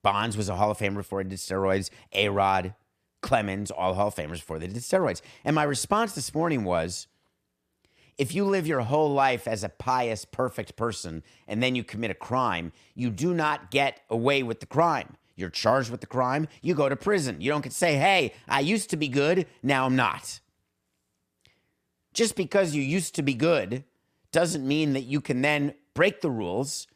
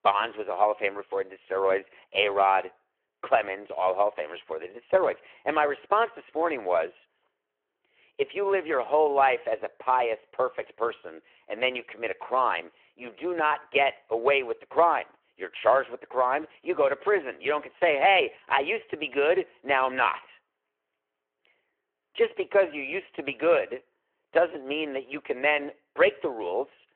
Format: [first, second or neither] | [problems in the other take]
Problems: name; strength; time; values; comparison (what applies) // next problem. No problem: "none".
first | phone-call audio